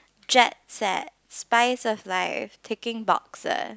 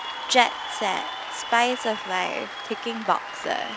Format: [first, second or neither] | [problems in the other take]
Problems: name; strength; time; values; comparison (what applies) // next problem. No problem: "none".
first | background sound (Applause / Cheering); 7 dB below the speech